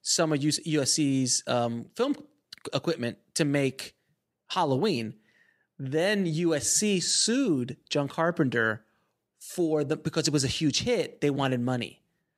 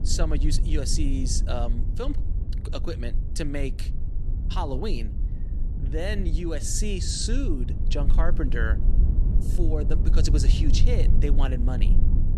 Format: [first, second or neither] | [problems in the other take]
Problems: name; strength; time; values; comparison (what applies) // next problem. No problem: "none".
first | low rumble; loud; throughout; 10 dB below the speech